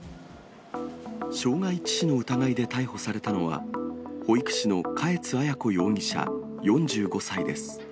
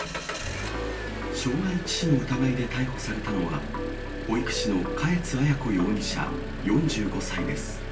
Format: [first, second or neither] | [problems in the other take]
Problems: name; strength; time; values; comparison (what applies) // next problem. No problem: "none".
first | background sound (Engine); 6 dB below the speech // room echo; dies away in 0.3 s